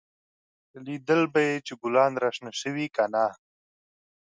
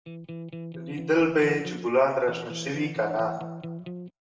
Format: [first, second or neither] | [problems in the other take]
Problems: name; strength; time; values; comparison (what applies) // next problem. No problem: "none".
first | background sound (Electric guitar); 10 dB below the speech // room echo; dies away in 0.9 s